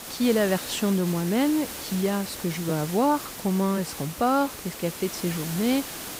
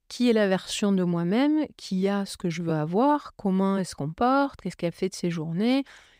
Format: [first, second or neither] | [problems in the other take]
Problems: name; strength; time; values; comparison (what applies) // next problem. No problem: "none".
second | hiss; loud; throughout; 9 dB below the speech